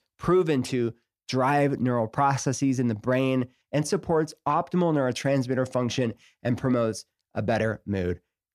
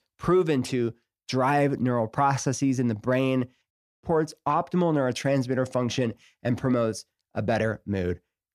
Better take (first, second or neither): first